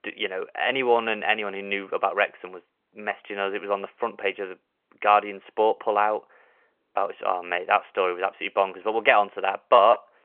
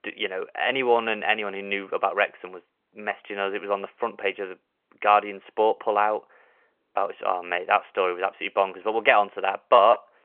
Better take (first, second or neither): neither